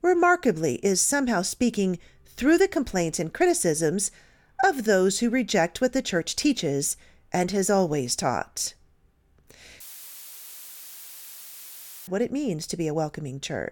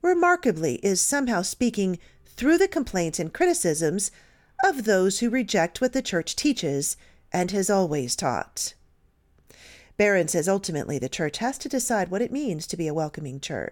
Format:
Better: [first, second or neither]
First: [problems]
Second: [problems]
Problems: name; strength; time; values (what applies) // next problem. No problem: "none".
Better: second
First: audio cutting out; filled with static; at 10 s for 2.5 s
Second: none